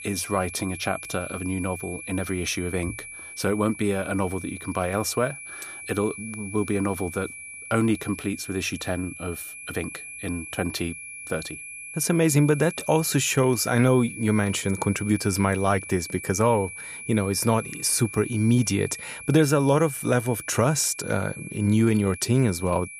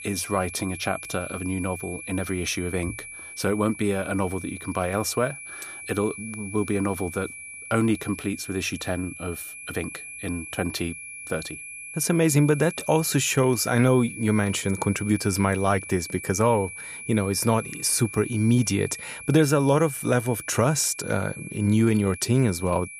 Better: neither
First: high-pitched whine; noticeable; throughout; 2.5 kHz, 10 dB below the speech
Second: high-pitched whine; noticeable; throughout; 2.5 kHz, 10 dB below the speech

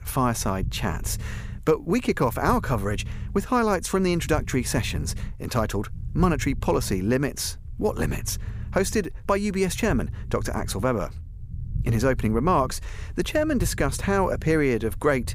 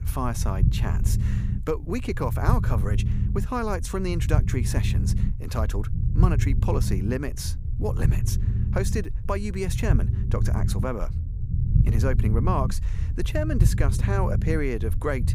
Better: first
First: low rumble; faint; throughout; 25 dB below the speech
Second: low rumble; loud; throughout; 8 dB below the speech

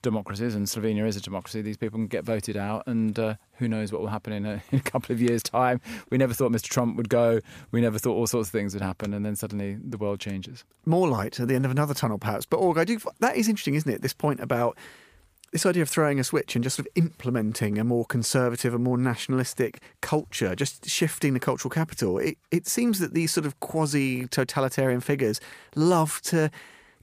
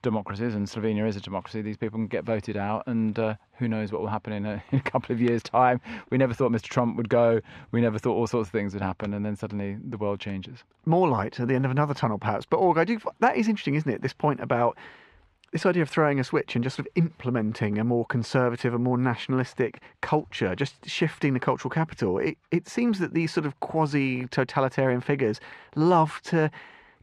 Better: first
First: none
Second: muffled; slightly; fading above 3 kHz

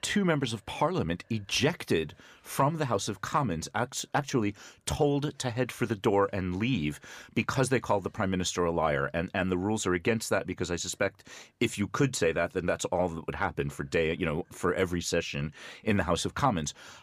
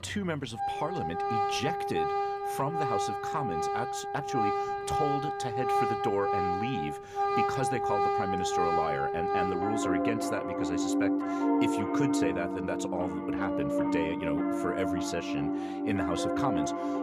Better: first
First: none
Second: background music; very loud; throughout; 5 dB above the speech

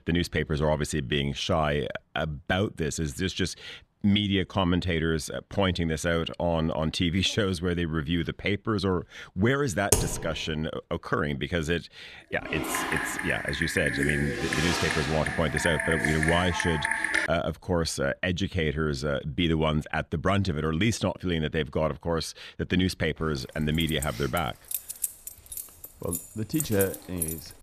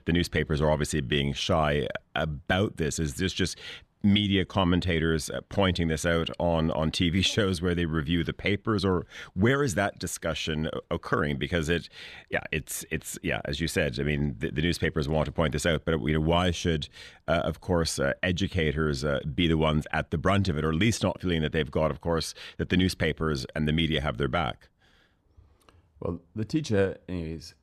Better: second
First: keyboard typing; loud; at 10 s and from 12 to 17 s; peak 3 dB above the speech // jangling keys; noticeable; from 24 s on; peak 2 dB below the speech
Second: none

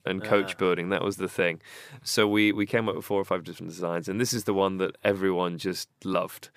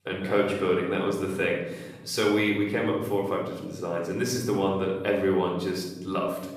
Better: first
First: none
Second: room echo; noticeable; dies away in 1.1 s // off-mic speech; somewhat distant

